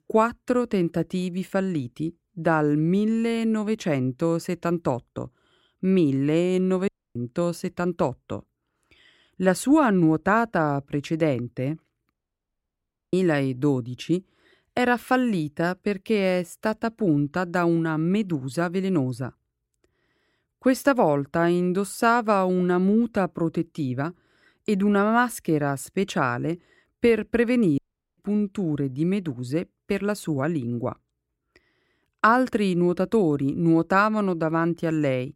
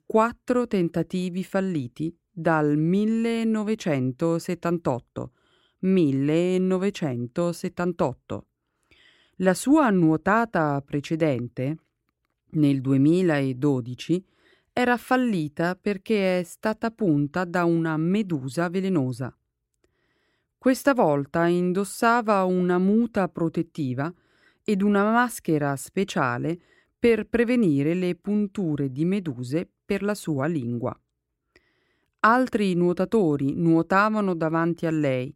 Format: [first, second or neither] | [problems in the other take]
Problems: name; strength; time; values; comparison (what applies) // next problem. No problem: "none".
second | audio cutting out; at 7 s, at 12 s for 1 s and at 28 s